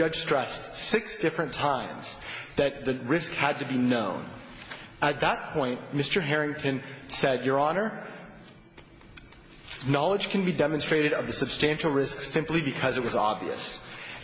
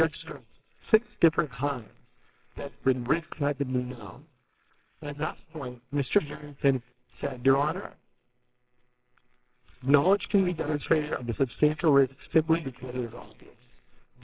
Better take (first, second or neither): first